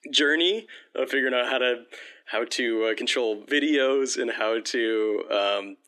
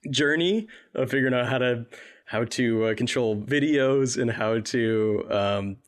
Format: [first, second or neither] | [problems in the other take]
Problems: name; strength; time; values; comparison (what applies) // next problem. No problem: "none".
second | thin; very slightly; fading below 300 Hz